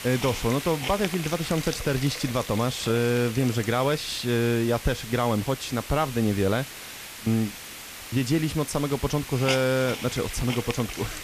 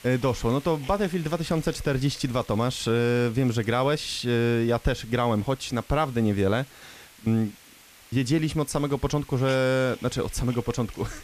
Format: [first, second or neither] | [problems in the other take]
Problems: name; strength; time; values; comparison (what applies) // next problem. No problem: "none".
second | hiss; loud; throughout; 9 dB below the speech; faint in the second